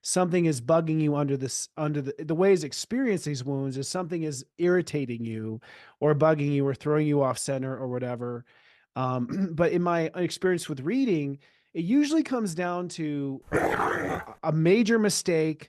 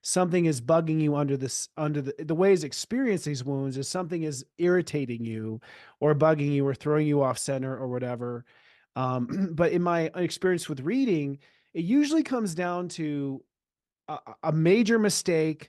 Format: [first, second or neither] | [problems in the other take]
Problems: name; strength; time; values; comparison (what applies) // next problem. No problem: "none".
second | dog barking; loud; at 14 s; peak 1 dB above the speech